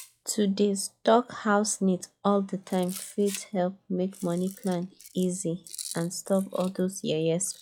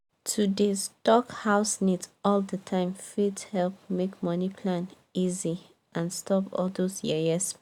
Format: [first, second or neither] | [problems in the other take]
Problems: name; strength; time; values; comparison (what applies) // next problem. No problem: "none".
second | noise reduction (classical method log-MMSE)